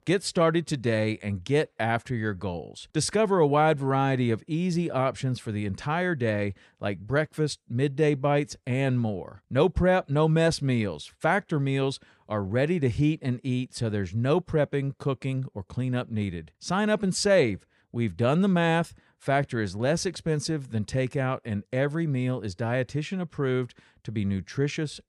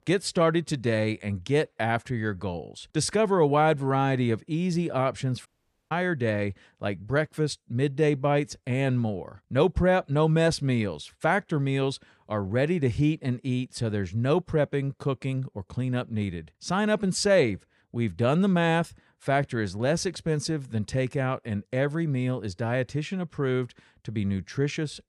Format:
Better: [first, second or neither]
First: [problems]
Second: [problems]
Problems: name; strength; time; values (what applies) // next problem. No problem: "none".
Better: first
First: none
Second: audio cutting out; at 5.5 s